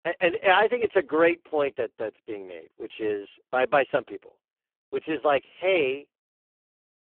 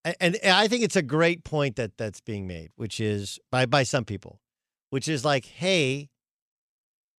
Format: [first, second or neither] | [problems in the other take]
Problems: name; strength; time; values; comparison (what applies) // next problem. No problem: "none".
second | phone-call audio; poor line